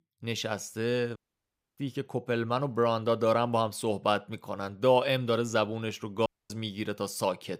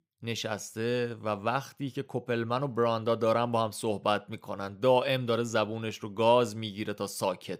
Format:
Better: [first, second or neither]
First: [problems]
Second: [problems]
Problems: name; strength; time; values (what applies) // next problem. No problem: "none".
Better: second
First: audio cutting out; at 1 s for 0.5 s and at 6.5 s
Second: none